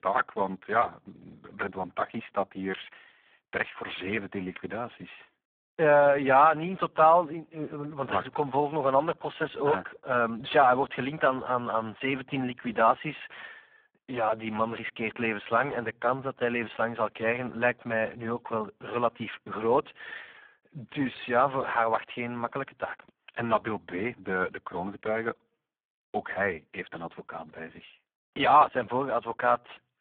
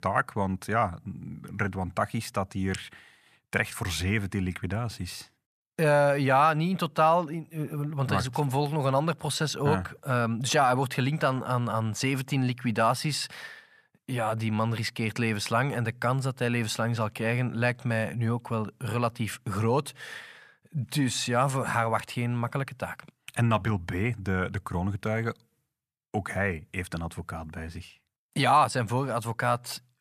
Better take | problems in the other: second | phone-call audio; poor line

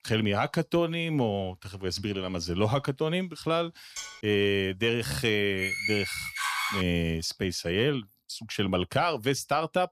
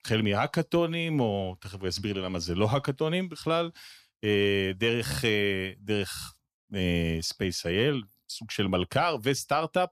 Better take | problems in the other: second | clattering dishes; faint; at 4 s; peak 10 dB below the speech // door banging; loud; from 5.5 to 7 s; peak level with the speech

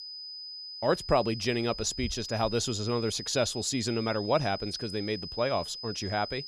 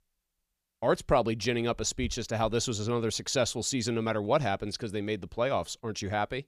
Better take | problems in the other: second | high-pitched whine; loud; throughout; 5 kHz, 9 dB below the speech

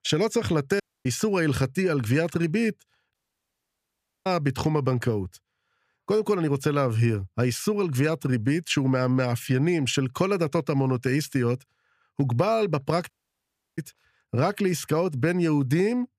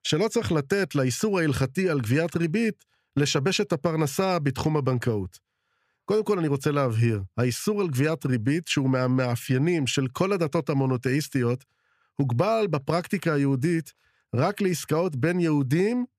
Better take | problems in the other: second | audio cutting out; at 1 s, at 3 s for 1 s and at 13 s for 0.5 s

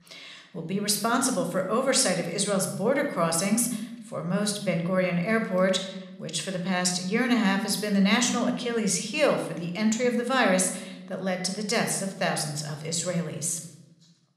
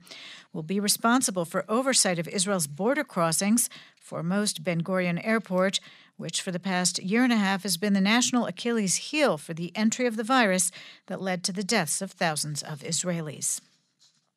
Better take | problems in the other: second | room echo; slight; dies away in 0.7 s

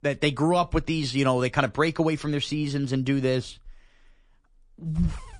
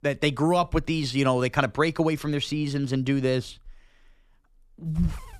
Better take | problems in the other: second | garbled, watery; slightly; nothing above 9 kHz

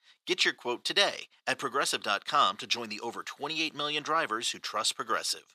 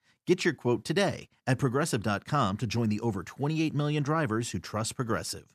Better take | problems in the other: second | thin; very; fading below 550 Hz

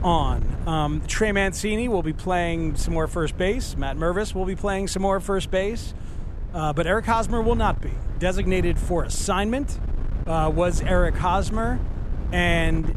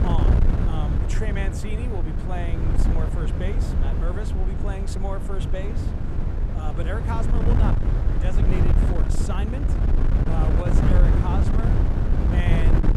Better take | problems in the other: first | wind noise on the microphone; heavy; 1 dB above the speech; occasional gusts in the first

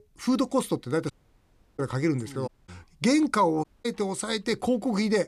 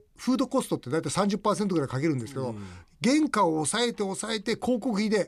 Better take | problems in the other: second | audio cutting out; at 1 s for 0.5 s, at 2.5 s and at 3.5 s

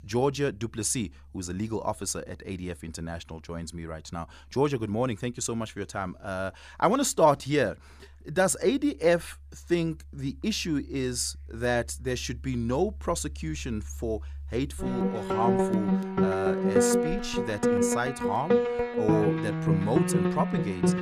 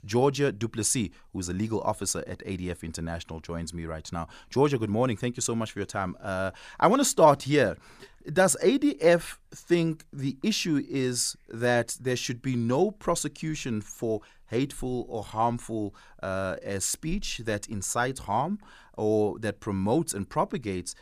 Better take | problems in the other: second | background music; very loud; throughout; 2 dB above the speech

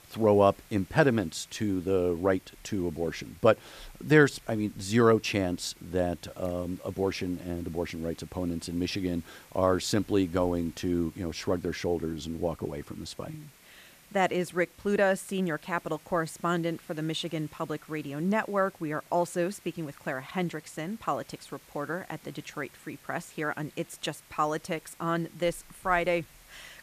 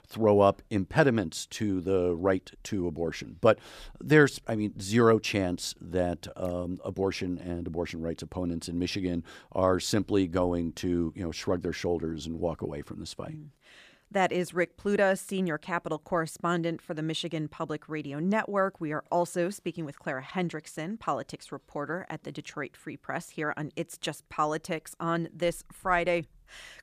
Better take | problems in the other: second | hiss; faint; throughout; 25 dB below the speech

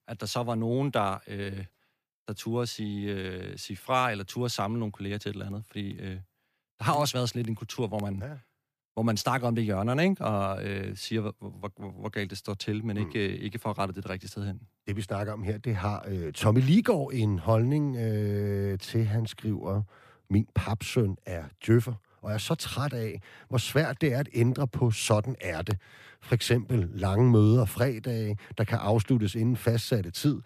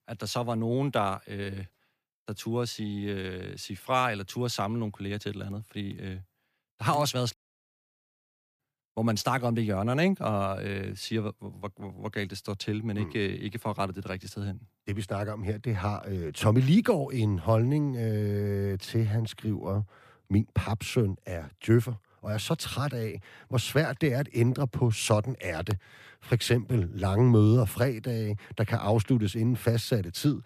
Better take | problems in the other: first | audio cutting out; at 7.5 s for 1.5 s

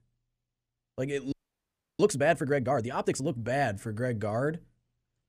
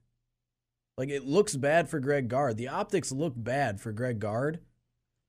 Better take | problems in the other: second | audio freezing; at 1.5 s for 0.5 s

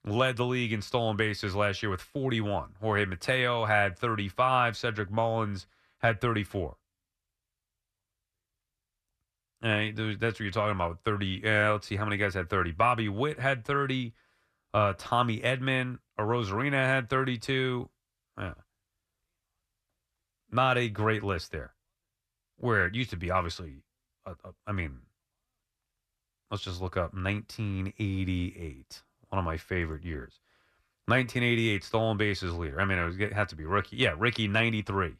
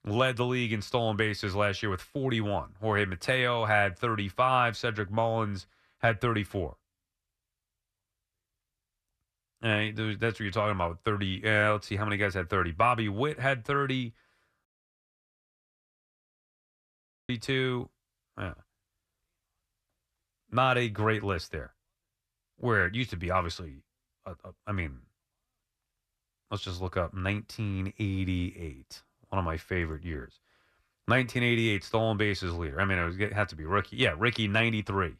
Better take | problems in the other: first | audio cutting out; at 15 s for 2.5 s

